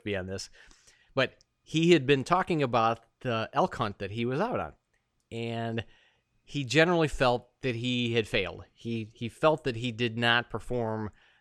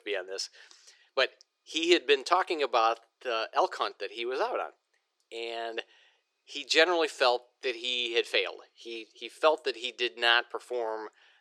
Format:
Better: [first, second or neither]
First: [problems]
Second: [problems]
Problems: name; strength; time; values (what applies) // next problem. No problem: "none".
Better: first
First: none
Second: thin; very; fading below 350 Hz